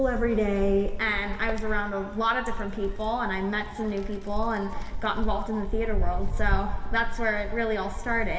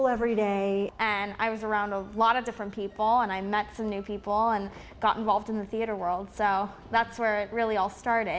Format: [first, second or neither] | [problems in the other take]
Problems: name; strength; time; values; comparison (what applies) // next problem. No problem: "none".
second | background sound (Wind); as loud as the speech // room echo; dies away in 2.2 s